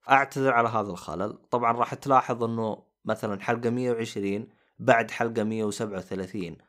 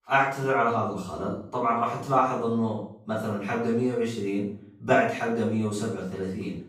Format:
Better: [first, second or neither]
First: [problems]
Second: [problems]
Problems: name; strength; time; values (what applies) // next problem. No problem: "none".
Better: first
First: none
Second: off-mic speech; far // room echo; noticeable; dies away in 0.5 s